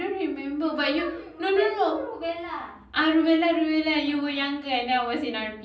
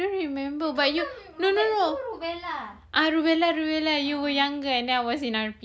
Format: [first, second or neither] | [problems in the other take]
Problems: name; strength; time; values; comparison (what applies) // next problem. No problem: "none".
second | room echo; dies away in 0.6 s